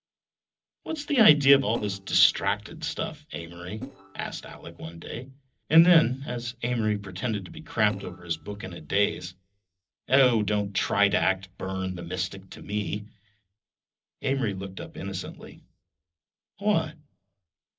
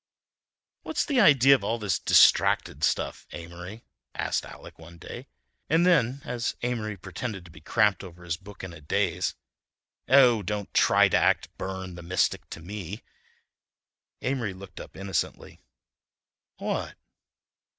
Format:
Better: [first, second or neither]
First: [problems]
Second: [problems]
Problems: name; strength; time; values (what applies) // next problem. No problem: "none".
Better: second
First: noise reduction (neural separator model SepFormer DNS4)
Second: none